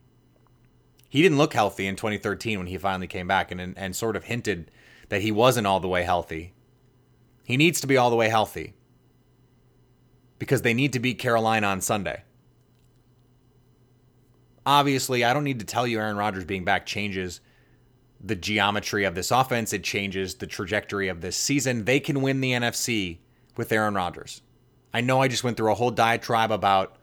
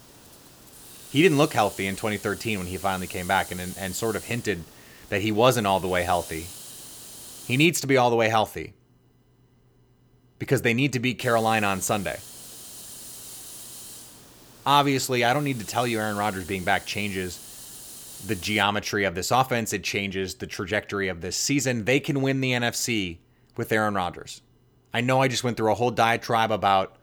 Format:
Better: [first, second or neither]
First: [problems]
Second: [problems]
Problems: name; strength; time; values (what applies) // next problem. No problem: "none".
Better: first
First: none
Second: hiss; noticeable; until 7.5 s and from 11 to 19 s; 15 dB below the speech